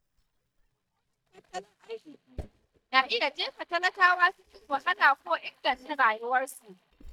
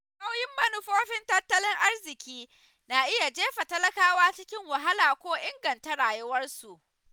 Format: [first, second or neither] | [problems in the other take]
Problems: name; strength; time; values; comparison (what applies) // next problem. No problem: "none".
second | noise reduction (neural mask model DeepFilterNet 3)